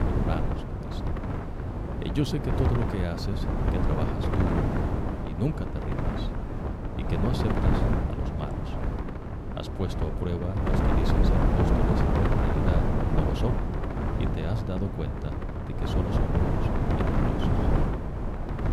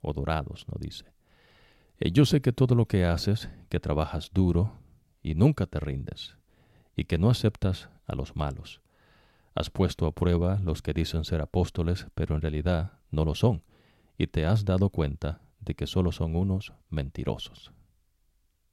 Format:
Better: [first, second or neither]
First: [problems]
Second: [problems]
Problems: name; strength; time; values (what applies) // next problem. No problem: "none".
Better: second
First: wind noise on the microphone; heavy; 5 dB above the speech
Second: none